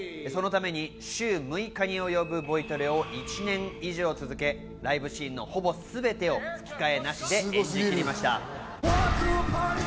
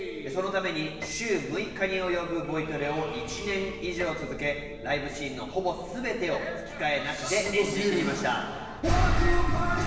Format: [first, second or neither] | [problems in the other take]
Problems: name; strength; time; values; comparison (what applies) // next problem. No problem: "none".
first | background sound (Piano); 19 dB below the speech // room echo; dies away in 1.2 s